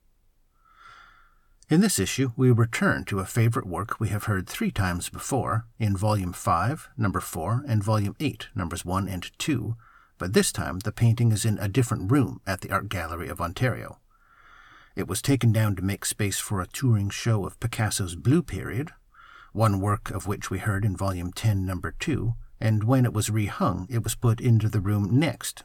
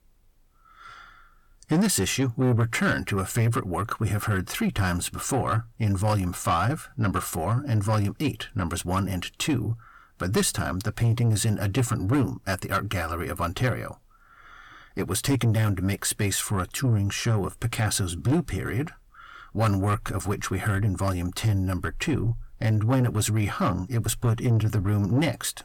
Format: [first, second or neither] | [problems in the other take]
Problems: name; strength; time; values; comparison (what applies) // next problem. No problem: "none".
first | distortion; slight; 10 dB below the speech